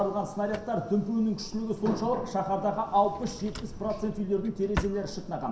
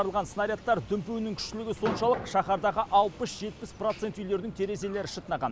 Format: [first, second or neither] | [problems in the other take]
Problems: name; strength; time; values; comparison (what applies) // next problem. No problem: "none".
second | background sound (Drawer open or close); 12 dB below the speech // room echo; dies away in 0.7 s